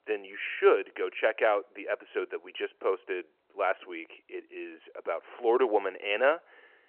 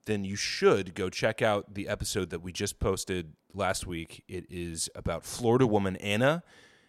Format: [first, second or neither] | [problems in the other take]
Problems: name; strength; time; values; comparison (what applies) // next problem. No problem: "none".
second | phone-call audio